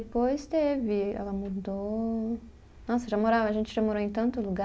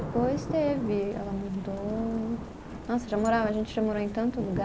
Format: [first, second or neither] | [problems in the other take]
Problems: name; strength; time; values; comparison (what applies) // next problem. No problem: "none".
first | background sound (Thunder / Rain); 8 dB below the speech